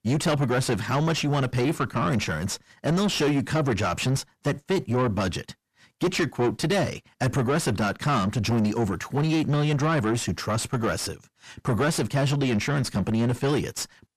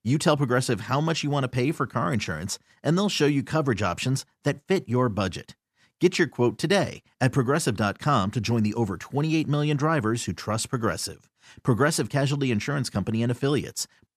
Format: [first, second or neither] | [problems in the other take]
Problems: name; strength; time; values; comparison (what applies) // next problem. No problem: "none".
second | distortion; heavy; 7 dB below the speech